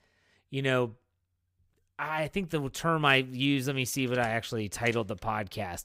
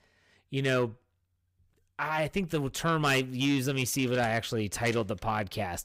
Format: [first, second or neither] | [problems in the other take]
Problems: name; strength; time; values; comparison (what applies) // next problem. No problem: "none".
first | distortion; slight; 10 dB below the speech